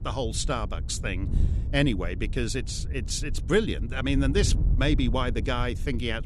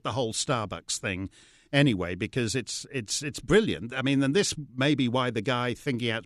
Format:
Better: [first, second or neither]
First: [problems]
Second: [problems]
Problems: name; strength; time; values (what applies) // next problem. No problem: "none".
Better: second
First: wind noise on the microphone; occasional gusts; 15 dB below the speech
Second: none